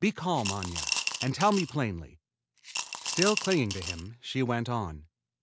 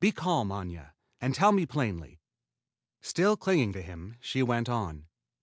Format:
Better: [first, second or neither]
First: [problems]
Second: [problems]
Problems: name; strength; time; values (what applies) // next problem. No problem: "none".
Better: second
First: background sound (Coin (dropping) / Glass); 4 dB below the speech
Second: none